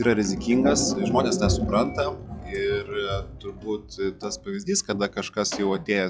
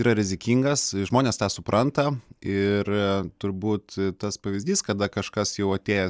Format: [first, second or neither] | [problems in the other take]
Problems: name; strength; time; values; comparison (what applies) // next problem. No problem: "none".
second | noise reduction (classical method log-MMSE)